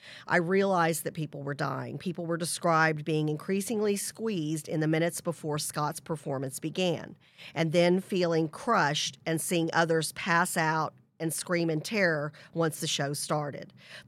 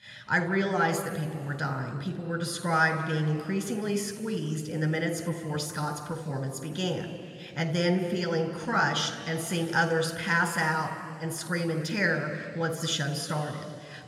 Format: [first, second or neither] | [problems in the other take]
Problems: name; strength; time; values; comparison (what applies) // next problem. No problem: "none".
first | room echo; slight; dies away in 2.4 s